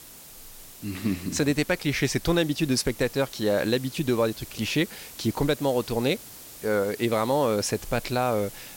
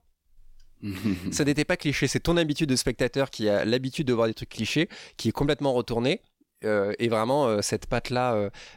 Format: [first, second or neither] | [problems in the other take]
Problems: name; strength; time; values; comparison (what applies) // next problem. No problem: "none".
second | hiss; noticeable; throughout; 15 dB below the speech